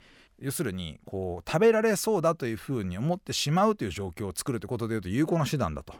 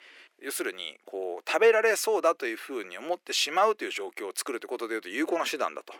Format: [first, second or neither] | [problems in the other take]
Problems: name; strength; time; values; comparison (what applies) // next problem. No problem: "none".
first | thin; very; fading below 300 Hz